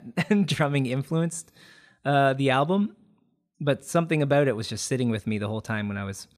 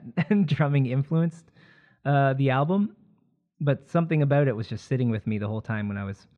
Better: first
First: none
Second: muffled; slightly; fading above 2.5 kHz

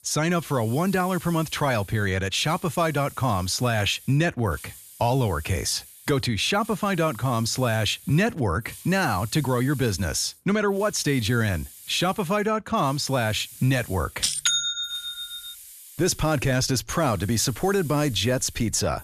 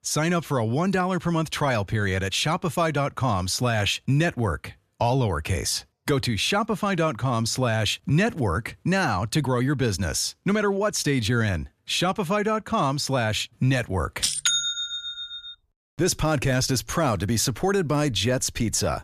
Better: second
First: hiss; noticeable; throughout; 20 dB below the speech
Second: none

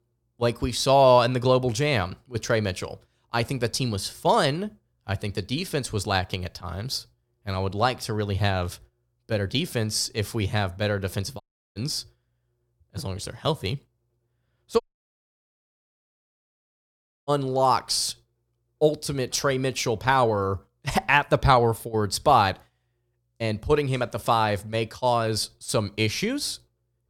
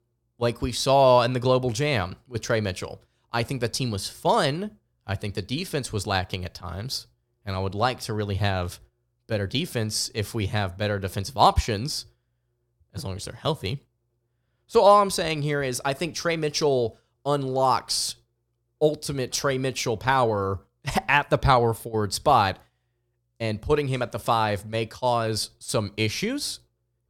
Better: second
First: audio cutting out; at 11 s and at 15 s for 2.5 s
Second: none

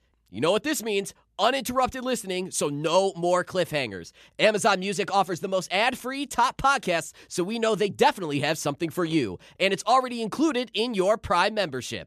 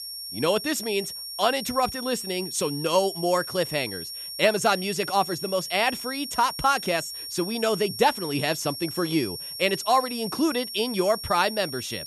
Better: first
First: none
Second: high-pitched whine; loud; throughout; 5.5 kHz, 8 dB below the speech

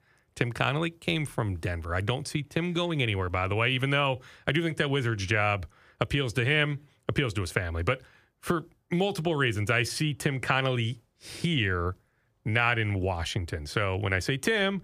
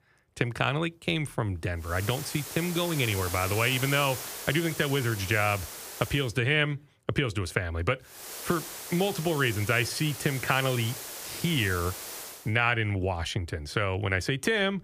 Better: first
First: none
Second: hiss; loud; from 2 to 6 s and from 8 to 12 s; 9 dB below the speech

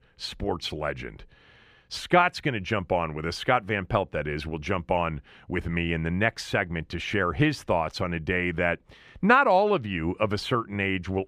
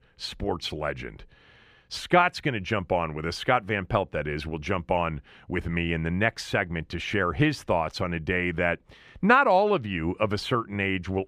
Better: neither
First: none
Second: none

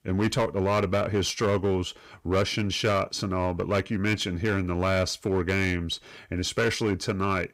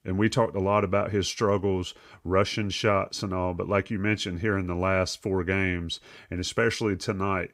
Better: second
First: distortion; slight; 12% of the sound clipped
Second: none

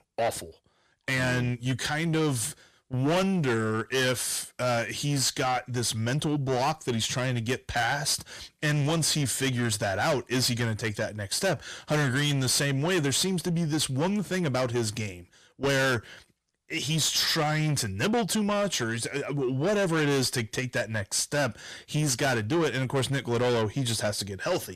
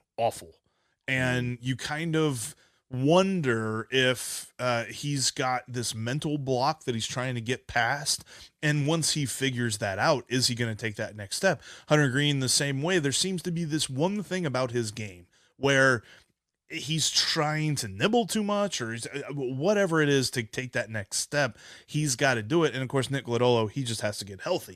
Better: second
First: distortion; heavy; 7 dB below the speech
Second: none

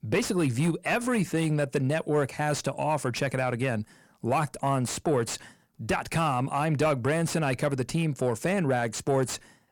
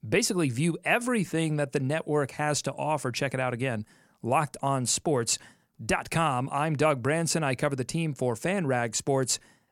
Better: second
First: distortion; slight; 10 dB below the speech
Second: none

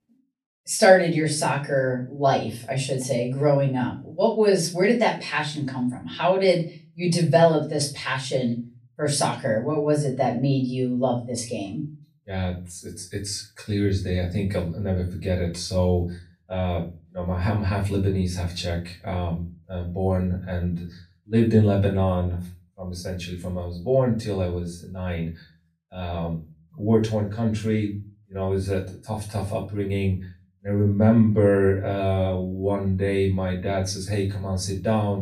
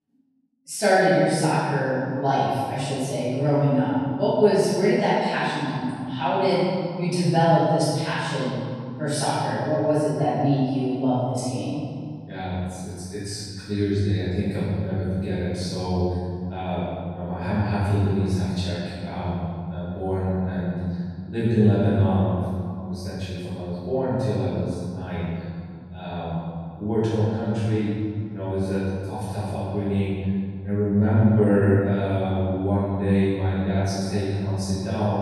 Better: first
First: room echo; slight; dies away in 0.3 s // off-mic speech; far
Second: room echo; strong; dies away in 2.3 s // off-mic speech; far

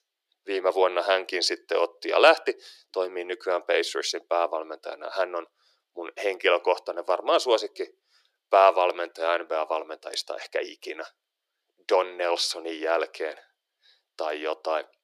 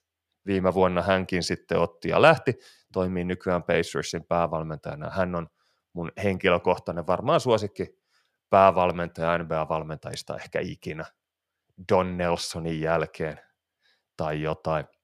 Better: second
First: thin; very; fading below 350 Hz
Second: none

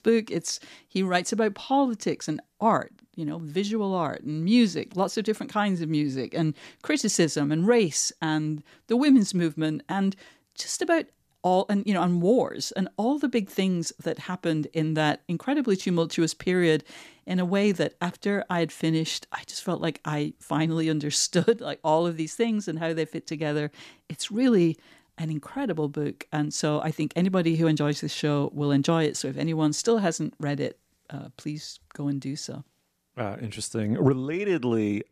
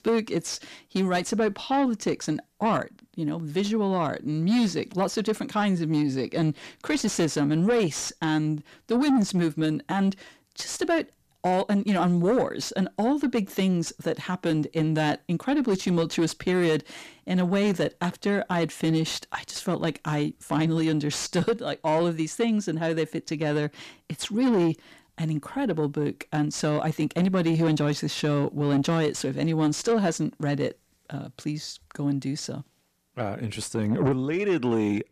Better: first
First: none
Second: distortion; slight; 10 dB below the speech

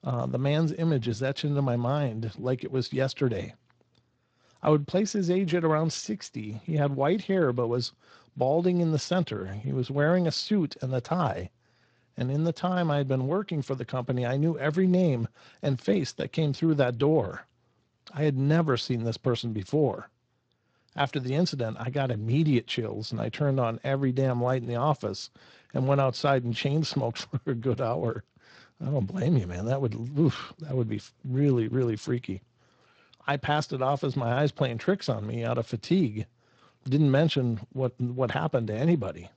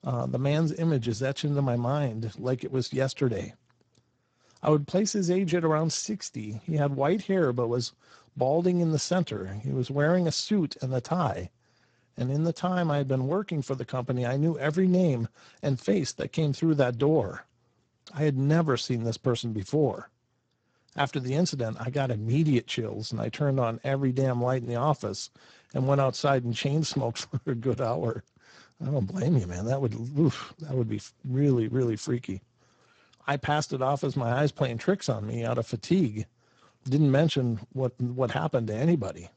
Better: first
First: garbled, watery; slightly; nothing above 7.5 kHz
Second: garbled, watery; badly; nothing above 7.5 kHz

